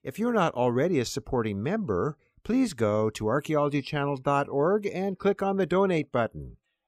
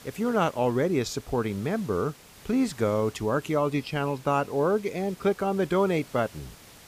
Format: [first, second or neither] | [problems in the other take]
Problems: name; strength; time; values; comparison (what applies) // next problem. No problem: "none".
first | hiss; faint; throughout; 20 dB below the speech